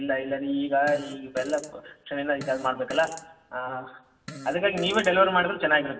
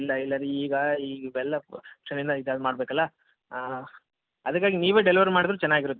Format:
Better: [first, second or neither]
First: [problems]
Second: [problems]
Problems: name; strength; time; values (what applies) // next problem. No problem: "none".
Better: second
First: background sound (Fart); 17 dB below the speech // room echo; dies away in 0.8 s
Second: none